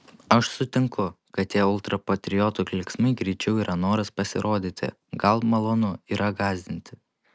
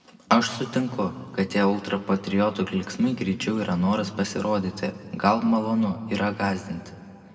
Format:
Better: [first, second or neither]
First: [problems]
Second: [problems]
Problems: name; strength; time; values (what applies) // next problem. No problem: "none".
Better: first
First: none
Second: room echo; dies away in 1.7 s